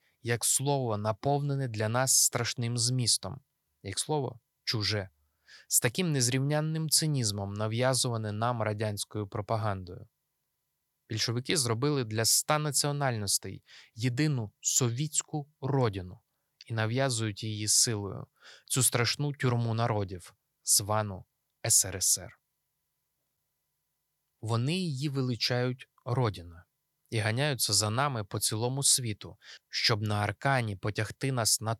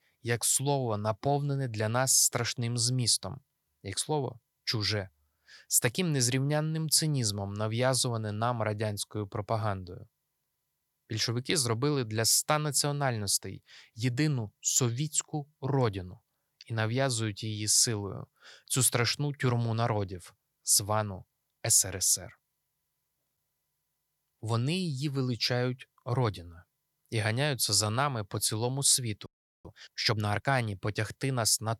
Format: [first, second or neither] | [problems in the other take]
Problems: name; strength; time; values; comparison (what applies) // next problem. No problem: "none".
first | audio freezing; at 29 s